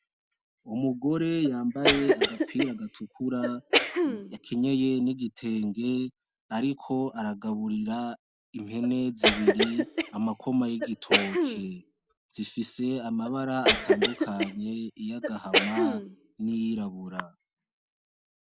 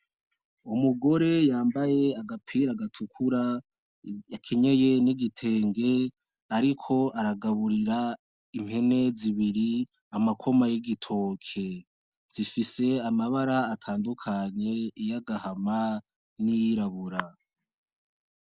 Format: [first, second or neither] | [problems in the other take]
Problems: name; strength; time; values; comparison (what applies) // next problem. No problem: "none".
second | background sound (Cough); 2 dB above the speech